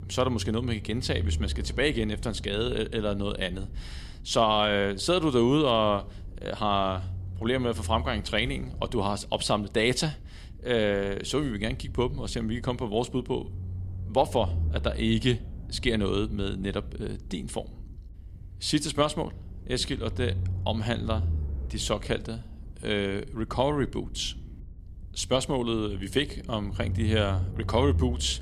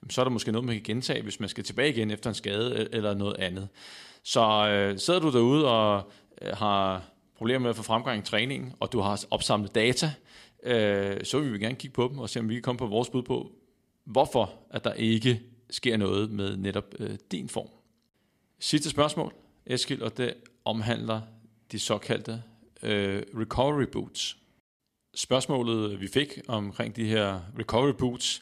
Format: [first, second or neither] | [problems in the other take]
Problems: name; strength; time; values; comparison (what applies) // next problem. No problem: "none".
second | low rumble; faint; throughout; 25 dB below the speech